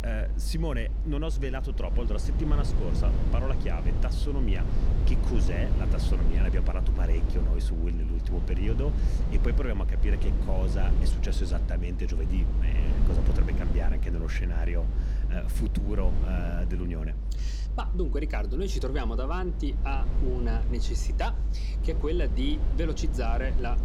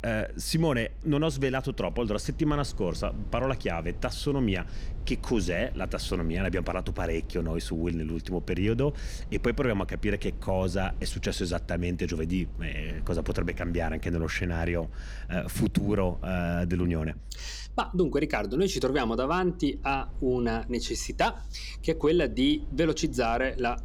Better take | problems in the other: second | low rumble; loud; throughout; 6 dB below the speech; faint in the second

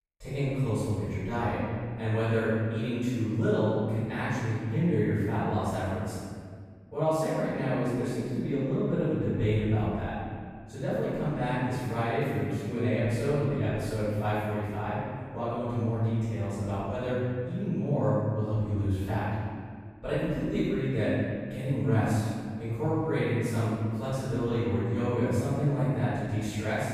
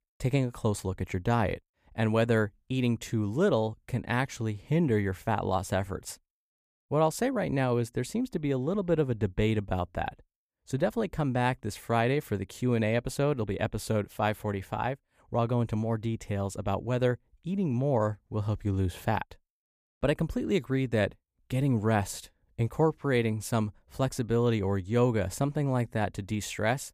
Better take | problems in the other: second | off-mic speech; far // room echo; strong; dies away in 2 s

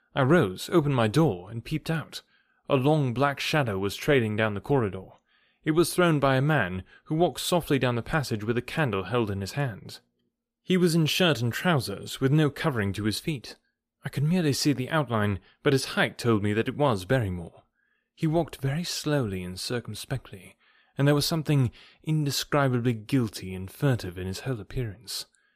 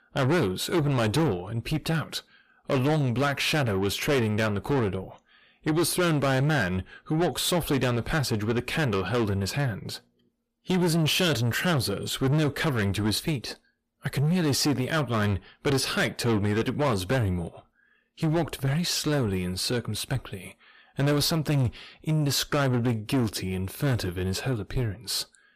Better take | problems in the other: first | distortion; heavy; 7 dB below the speech

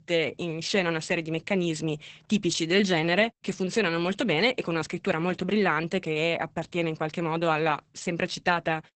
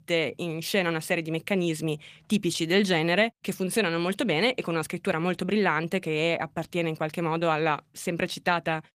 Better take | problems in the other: second | garbled, watery; badly; nothing above 8 kHz; slightly in the second

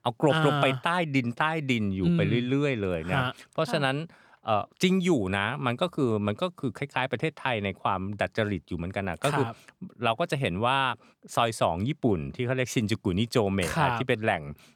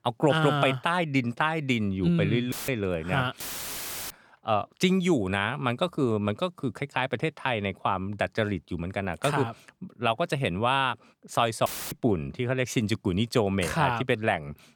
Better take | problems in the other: first | audio cutting out; filled with static; at 2.5 s, at 3.5 s for 0.5 s and at 12 s

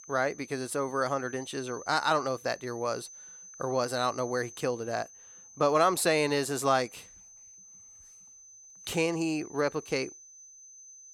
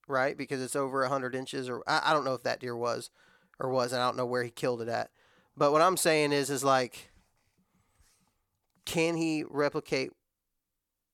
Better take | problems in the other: second | high-pitched whine; noticeable; throughout; 6 kHz, 20 dB below the speech

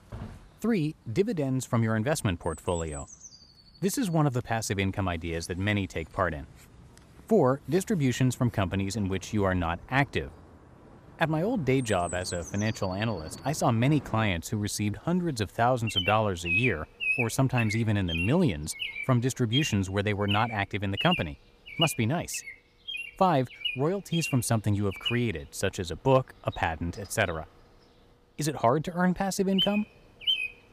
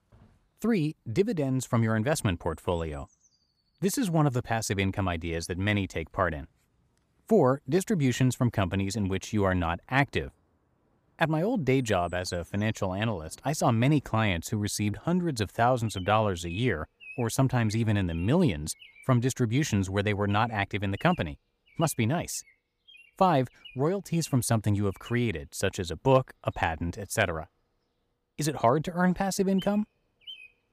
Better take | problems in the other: second | animal sounds; loud; throughout; 5 dB below the speech; faint in the second

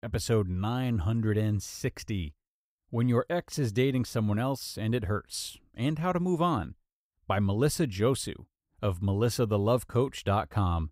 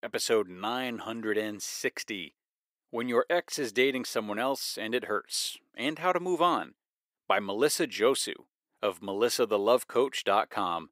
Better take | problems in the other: first | thin; somewhat; fading below 350 Hz

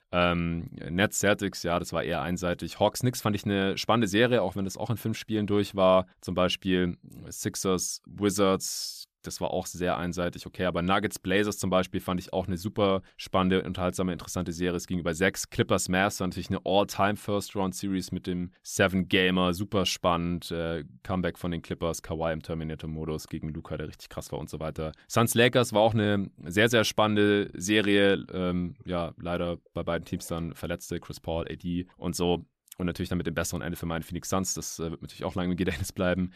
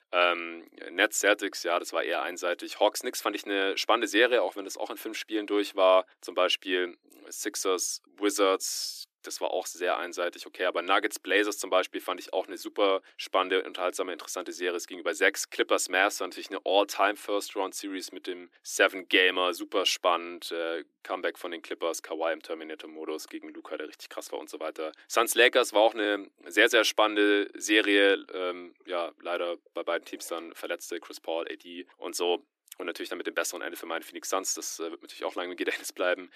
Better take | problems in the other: first | thin; very; fading below 300 Hz

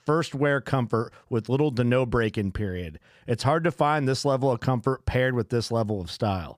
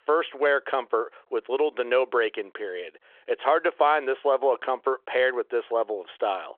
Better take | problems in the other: first | phone-call audio

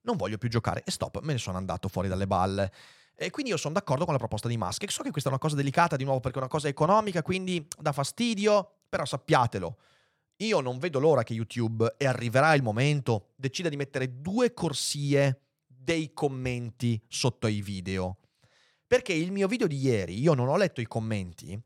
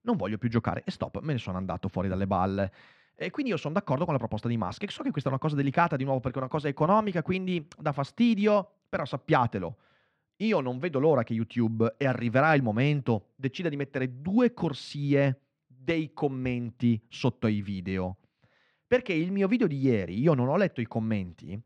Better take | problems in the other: first | muffled; slightly; fading above 2.5 kHz

